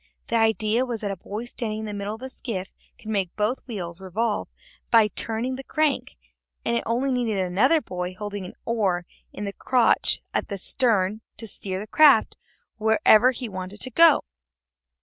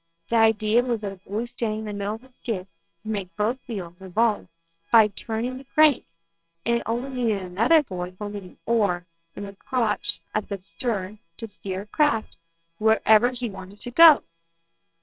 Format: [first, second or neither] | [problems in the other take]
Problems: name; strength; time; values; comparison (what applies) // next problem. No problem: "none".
first | noise reduction (neural separator model SepFormer WHAMR!)